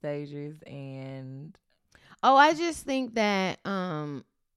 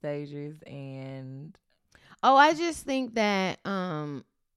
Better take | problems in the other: neither | none

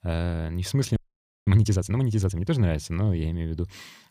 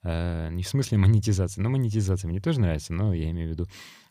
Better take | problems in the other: second | audio freezing; at 1 s for 0.5 s

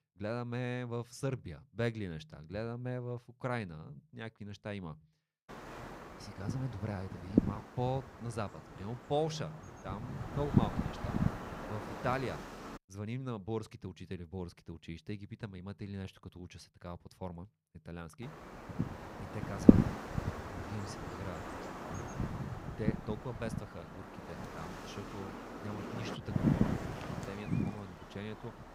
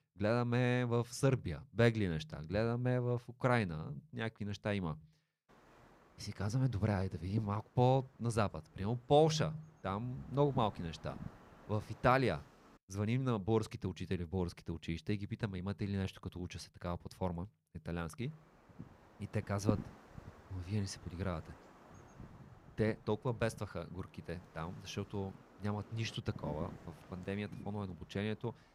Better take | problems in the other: second | wind noise on the microphone; heavy; from 5.5 to 13 s and from 18 s on; 3 dB above the speech; occasional gusts in the second

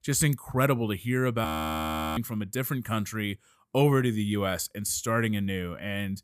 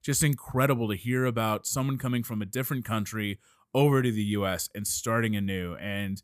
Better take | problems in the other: second | audio freezing; at 1.5 s for 0.5 s

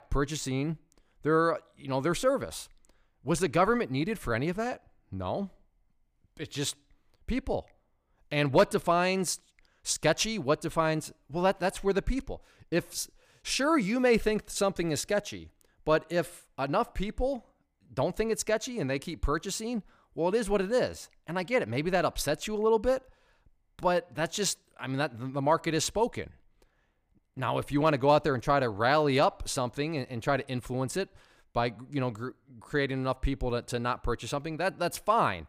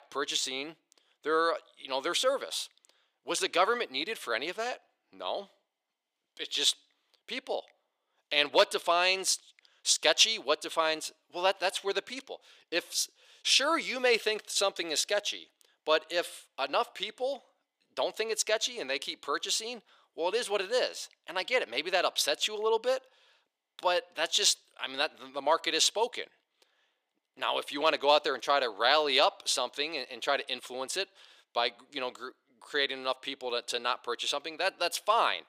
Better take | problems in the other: first | thin; very; fading below 400 Hz

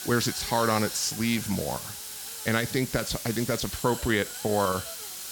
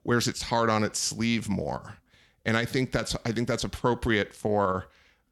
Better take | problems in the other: second | hiss; loud; throughout; 7 dB below the speech

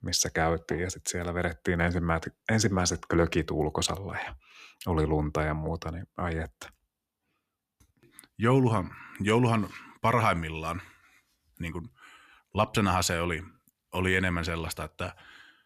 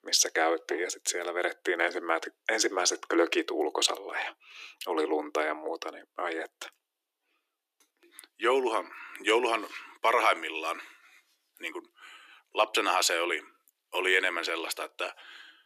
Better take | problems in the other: first | thin; very; fading below 300 Hz

